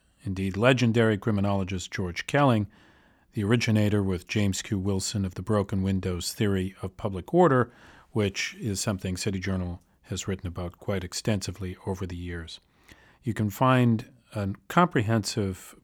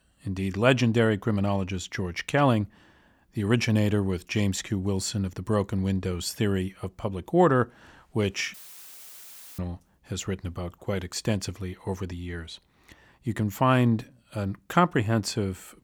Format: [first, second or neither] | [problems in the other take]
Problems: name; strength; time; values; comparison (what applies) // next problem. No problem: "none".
first | audio cutting out; filled with static; at 8.5 s for 1 s